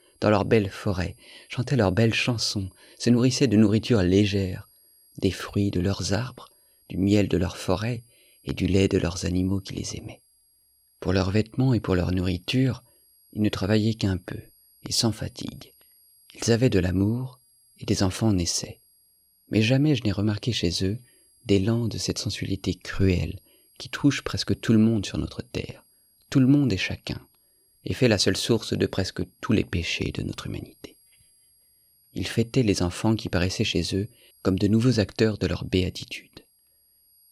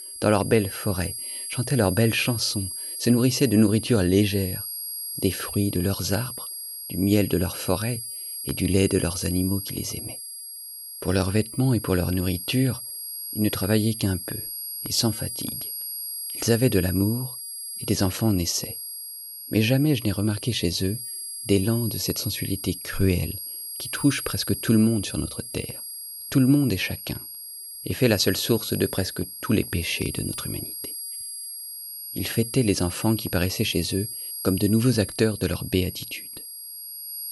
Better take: first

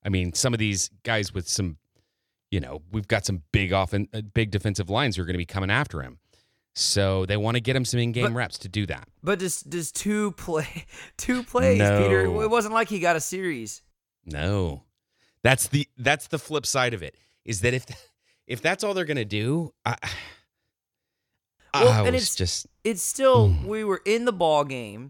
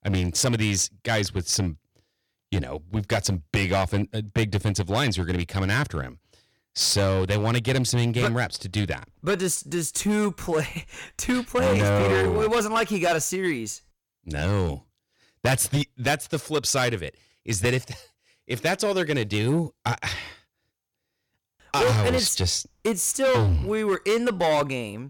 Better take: first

